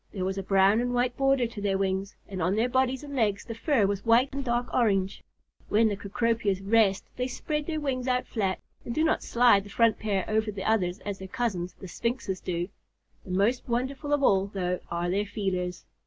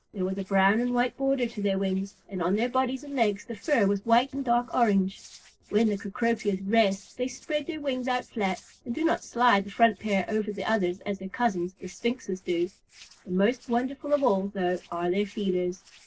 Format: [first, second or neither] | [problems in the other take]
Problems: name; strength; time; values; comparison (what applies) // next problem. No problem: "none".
first | noise reduction (neural separator model SepFormer DNS4)